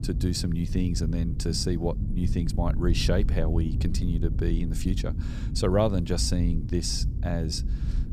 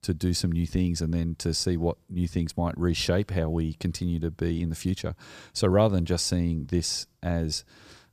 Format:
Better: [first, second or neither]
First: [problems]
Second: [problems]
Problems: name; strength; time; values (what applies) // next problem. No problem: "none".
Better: second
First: low rumble; noticeable; throughout; 10 dB below the speech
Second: none